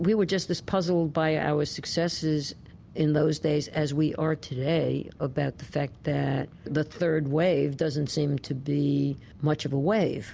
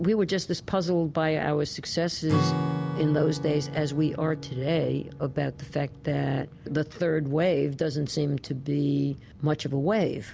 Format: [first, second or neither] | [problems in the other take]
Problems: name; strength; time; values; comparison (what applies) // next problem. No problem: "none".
first | background sound (Acoustic guitar / Strum); 9 dB below the speech